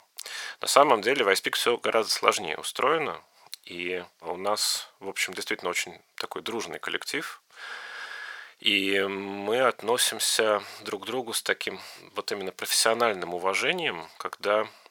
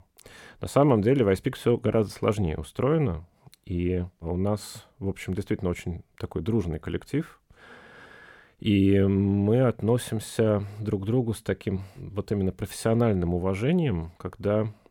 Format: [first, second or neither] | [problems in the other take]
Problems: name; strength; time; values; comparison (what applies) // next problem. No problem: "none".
second | thin; very; fading below 950 Hz